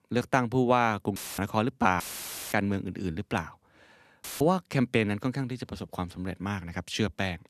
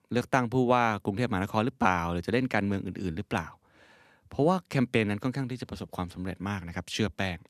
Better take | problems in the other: second | audio cutting out; filled with static; at 1 s, at 2 s for 0.5 s and at 4 s

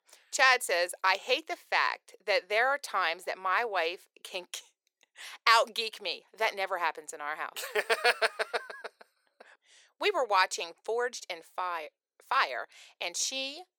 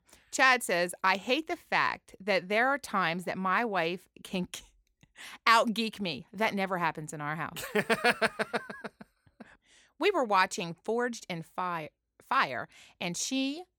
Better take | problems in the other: second | thin; very; fading below 450 Hz

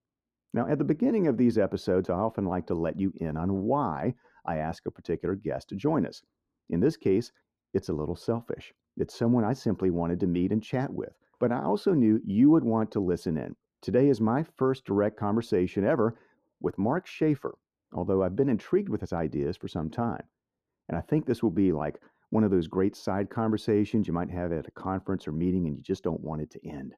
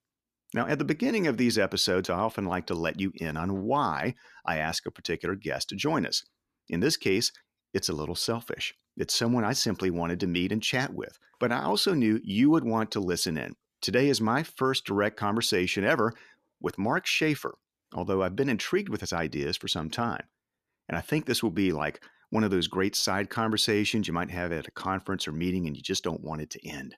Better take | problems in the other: second | muffled; very; fading above 1.5 kHz

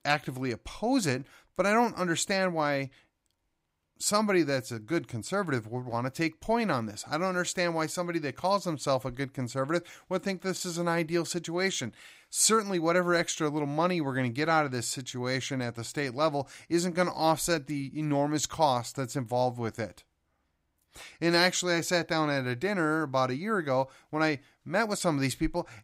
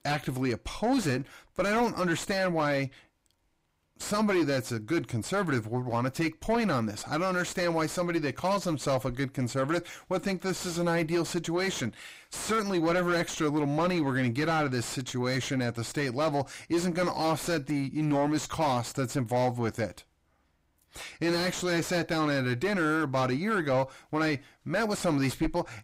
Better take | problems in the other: first | distortion; heavy; 6 dB below the speech

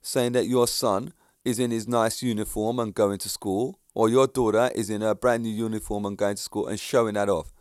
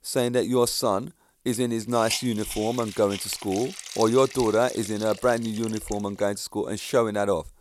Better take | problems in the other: first | hiss; noticeable; throughout; 10 dB below the speech

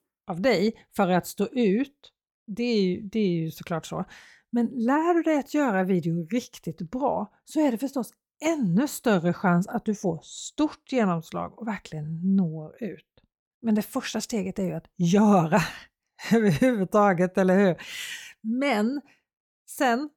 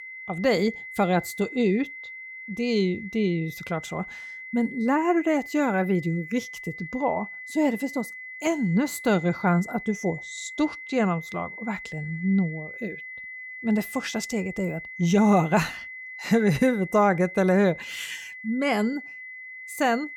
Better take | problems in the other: first | high-pitched whine; noticeable; throughout; 2 kHz, 10 dB below the speech

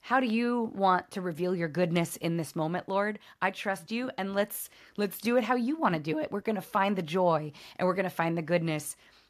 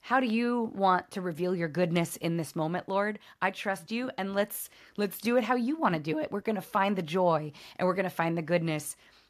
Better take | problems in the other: neither | none

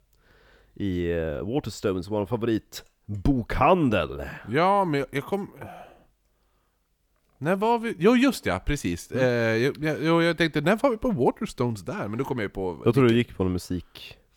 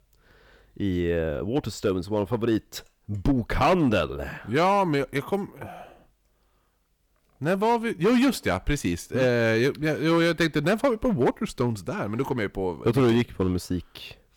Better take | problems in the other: first | distortion; slight; 4% of the sound clipped

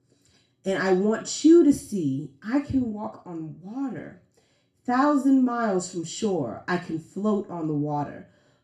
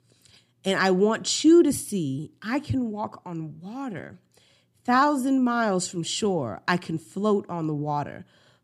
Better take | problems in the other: second | room echo; slight; dies away in 0.4 s // off-mic speech; far

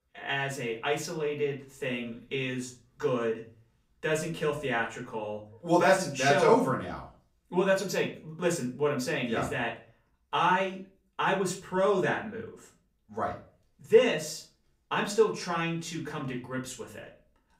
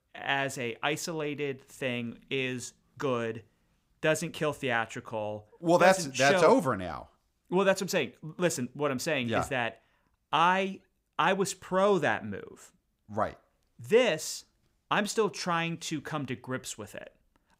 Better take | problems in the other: second | off-mic speech; far // room echo; slight; dies away in 0.3 s

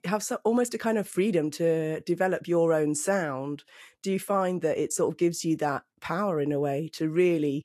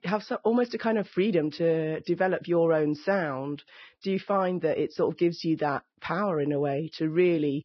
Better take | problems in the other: first | garbled, watery; badly; nothing above 5.5 kHz; slightly in the first

